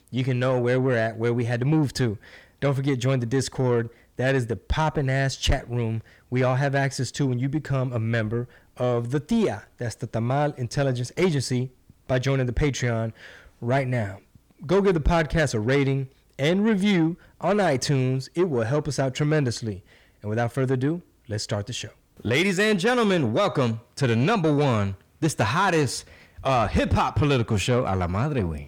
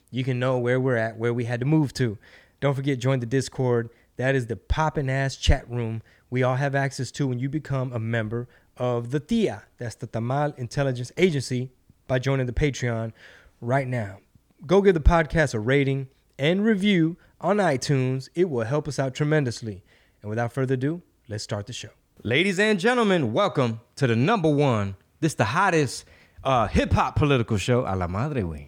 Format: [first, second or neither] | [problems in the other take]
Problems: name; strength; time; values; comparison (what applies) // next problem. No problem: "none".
second | distortion; slight; 10 dB below the speech